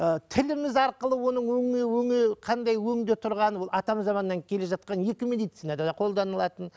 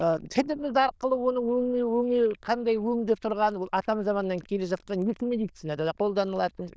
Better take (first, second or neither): first